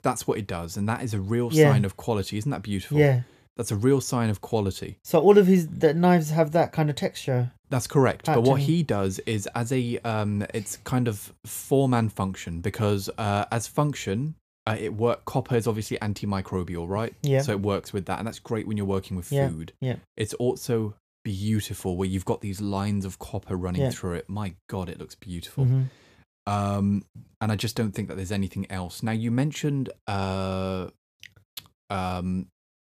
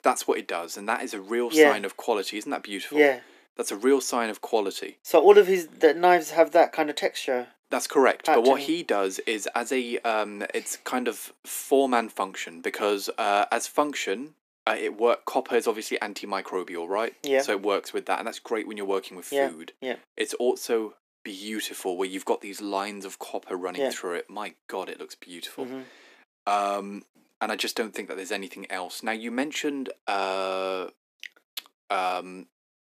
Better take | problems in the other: first | thin; somewhat; fading below 250 Hz

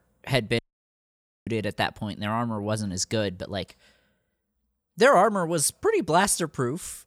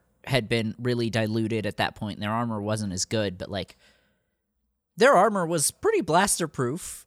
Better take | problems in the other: second | audio cutting out; at 0.5 s for 1 s

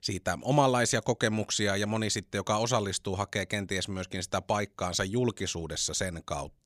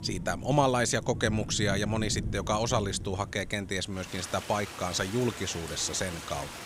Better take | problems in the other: first | rain or running water; loud; throughout; 9 dB below the speech

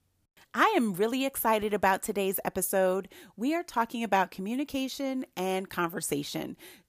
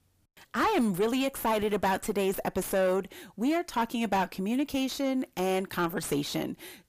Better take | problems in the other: first | distortion; heavy; 7 dB below the speech

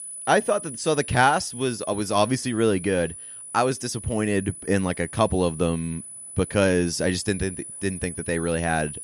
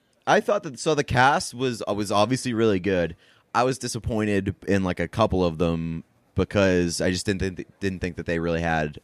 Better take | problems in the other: second | high-pitched whine; noticeable; throughout; 10 kHz, 10 dB below the speech

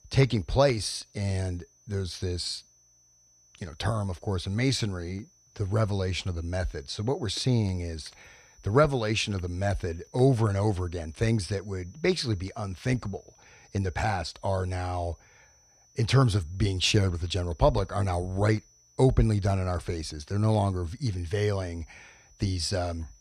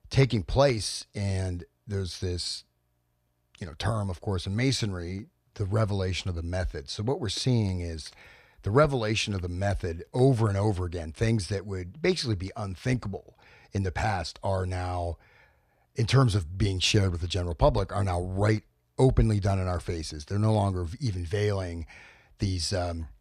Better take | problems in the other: second | high-pitched whine; faint; throughout; 6 kHz, 30 dB below the speech

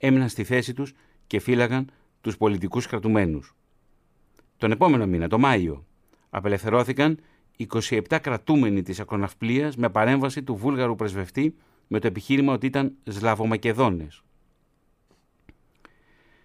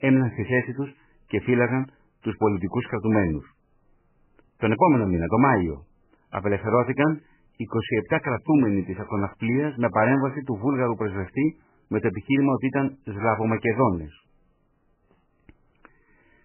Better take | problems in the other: first | garbled, watery; badly; nothing above 2.5 kHz

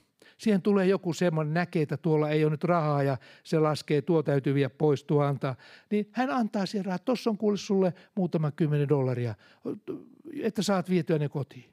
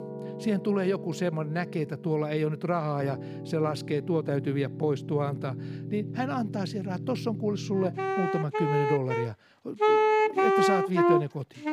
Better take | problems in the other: first | background music; very loud; throughout; 1 dB above the speech

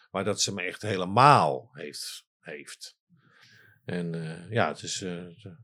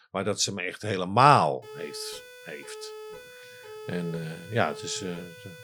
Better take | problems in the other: first | siren; faint; from 1.5 s on; peak 15 dB below the speech

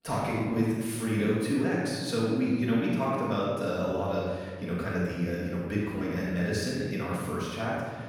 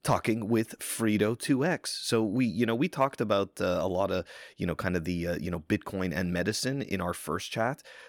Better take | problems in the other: second | off-mic speech; far // room echo; strong; dies away in 1.6 s

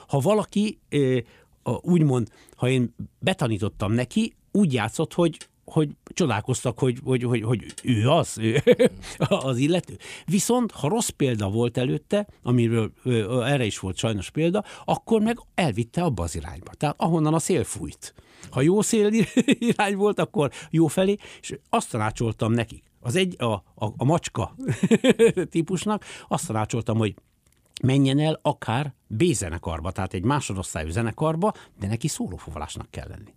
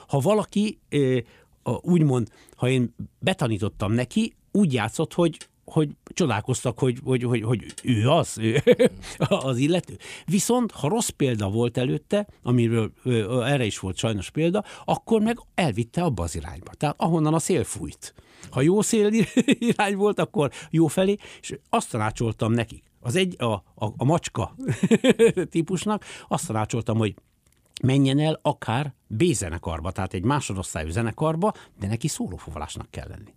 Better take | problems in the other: neither | none

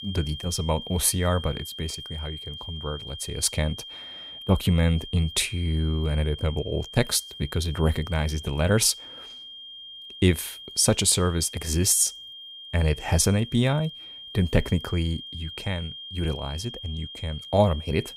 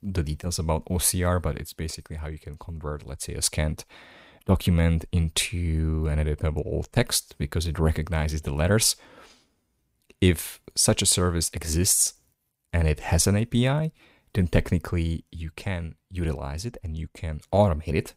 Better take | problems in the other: second | high-pitched whine; noticeable; throughout; 3 kHz, 15 dB below the speech

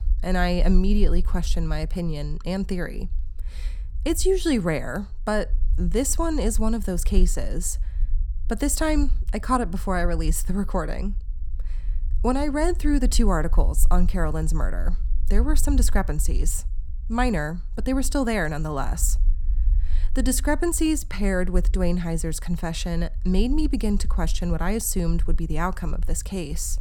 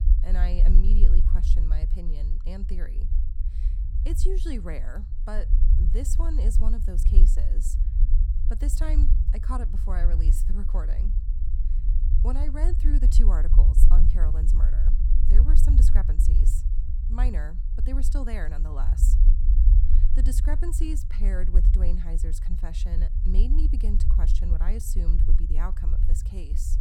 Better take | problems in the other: first | low rumble; loud; throughout; 5 dB below the speech; faint in the first

